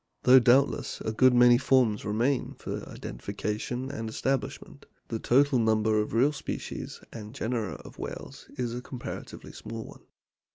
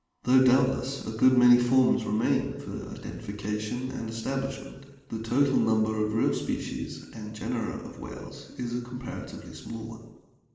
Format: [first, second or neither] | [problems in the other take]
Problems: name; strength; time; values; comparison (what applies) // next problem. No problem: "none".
first | room echo; dies away in 1.1 s